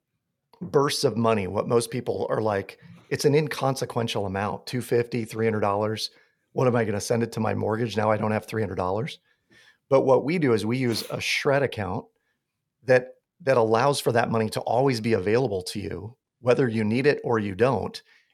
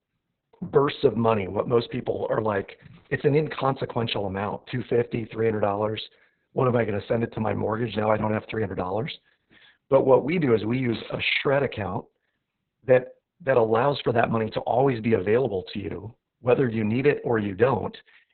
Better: first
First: none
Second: garbled, watery; badly; nothing above 4 kHz

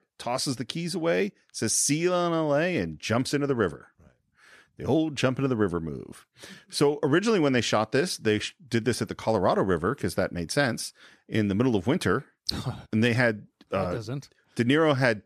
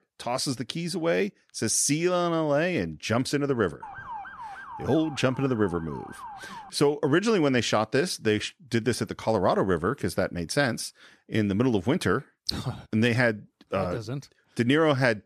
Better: first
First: none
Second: siren; faint; from 4 to 6.5 s; peak 10 dB below the speech

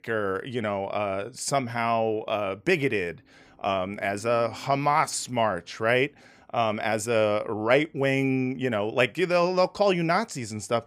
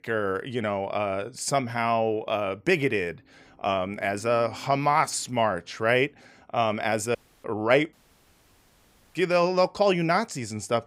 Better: first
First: none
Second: audio cutting out; at 7 s and at 8 s for 1 s

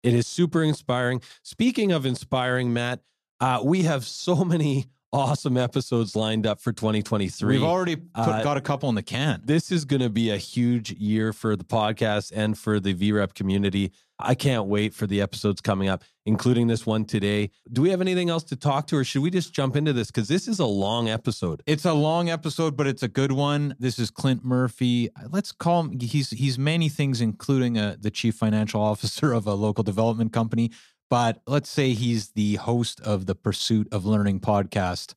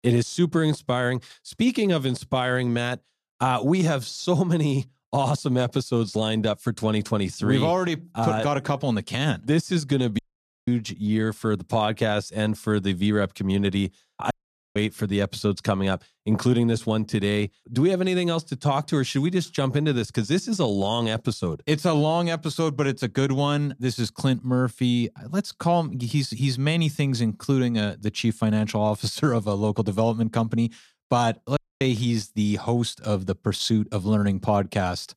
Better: first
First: none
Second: audio cutting out; at 10 s, at 14 s and at 32 s

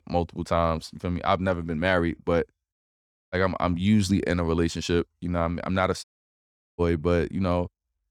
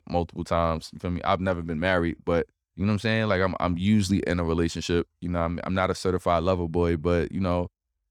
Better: second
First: audio cutting out; at 2.5 s for 0.5 s and at 6 s for 0.5 s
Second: none

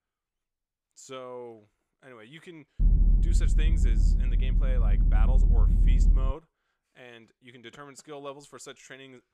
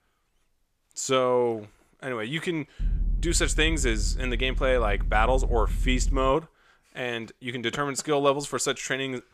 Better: second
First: low rumble; loud; from 3 to 6.5 s; 2 dB below the speech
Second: low rumble; faint; from 3 to 6.5 s; 25 dB below the speech

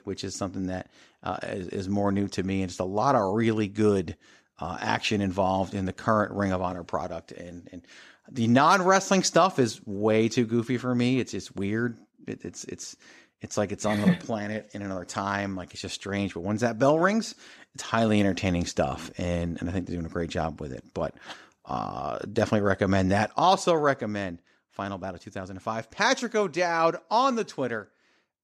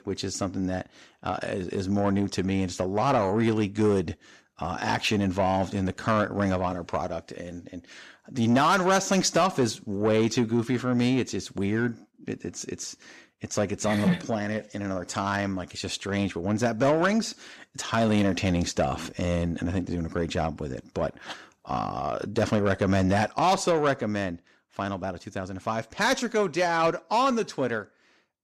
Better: first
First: none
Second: distortion; slight; 10 dB below the speech

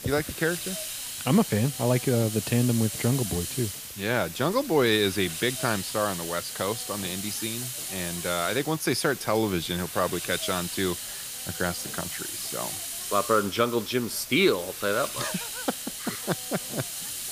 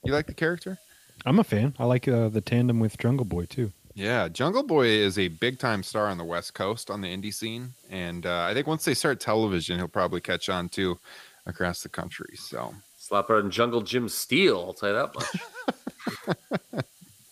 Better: second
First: hiss; loud; throughout; 6 dB below the speech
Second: hiss; faint; throughout; 30 dB below the speech

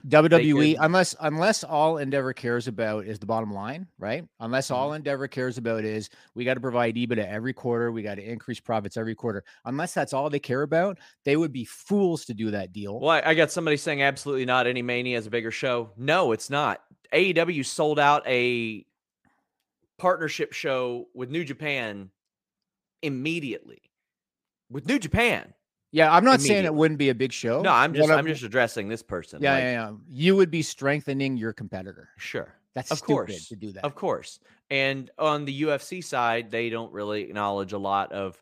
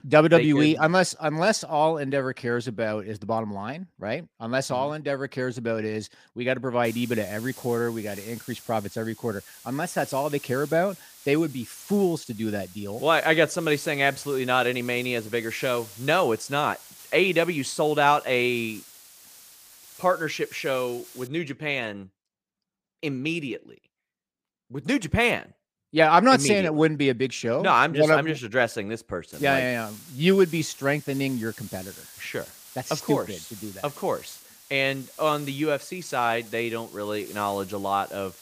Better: first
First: none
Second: hiss; noticeable; from 7 to 21 s and from 29 s on; 20 dB below the speech

